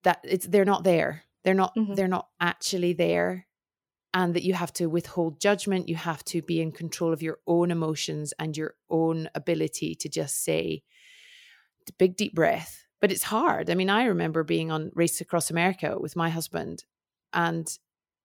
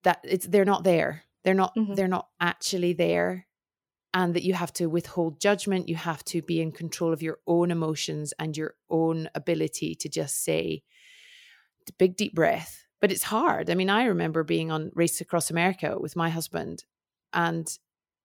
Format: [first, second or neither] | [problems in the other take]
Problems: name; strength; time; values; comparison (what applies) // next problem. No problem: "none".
neither | none